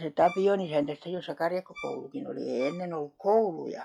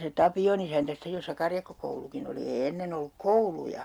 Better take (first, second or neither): second